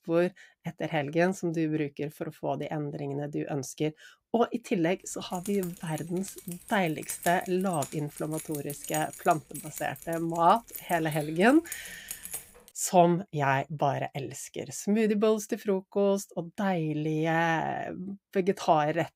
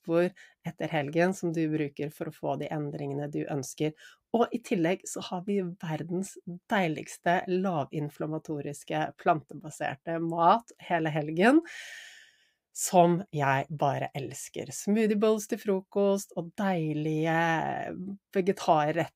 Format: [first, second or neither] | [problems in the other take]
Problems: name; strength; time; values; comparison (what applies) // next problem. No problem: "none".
second | jangling keys; noticeable; from 5 to 13 s; peak 7 dB below the speech